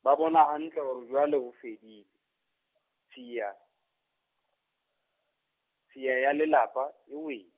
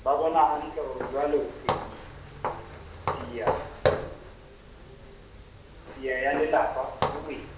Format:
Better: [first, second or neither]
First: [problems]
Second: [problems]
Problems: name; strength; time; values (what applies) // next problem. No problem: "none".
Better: first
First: none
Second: background sound (Walk, footsteps); 4 dB below the speech // room echo; dies away in 0.7 s